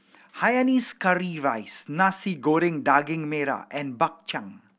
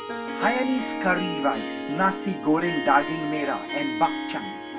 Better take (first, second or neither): first